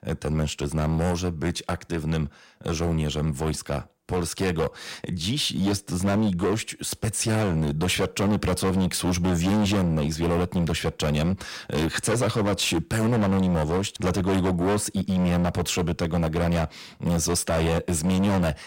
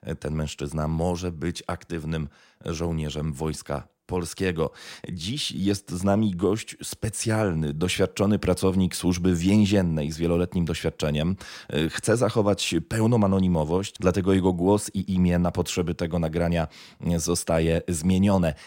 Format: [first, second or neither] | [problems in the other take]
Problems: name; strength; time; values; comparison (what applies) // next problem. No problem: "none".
second | distortion; heavy; 21% of the sound clipped